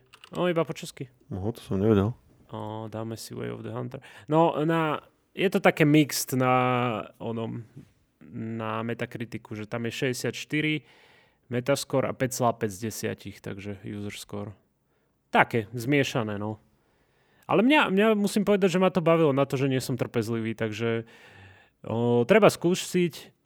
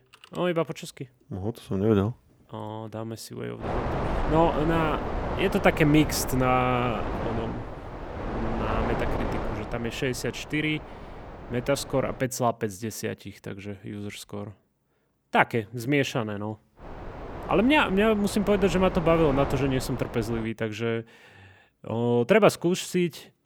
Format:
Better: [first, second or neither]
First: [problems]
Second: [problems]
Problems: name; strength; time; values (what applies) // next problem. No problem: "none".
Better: first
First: none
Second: wind noise on the microphone; heavy; from 3.5 to 12 s and from 17 to 20 s; 8 dB below the speech